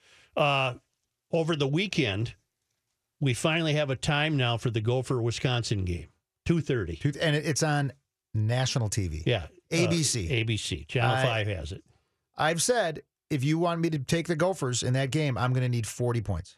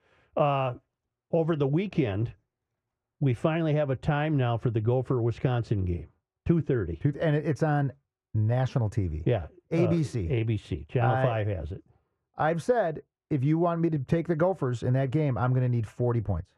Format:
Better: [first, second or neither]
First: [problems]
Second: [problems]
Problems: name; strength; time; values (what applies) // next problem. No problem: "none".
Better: first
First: none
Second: muffled; very; fading above 2.5 kHz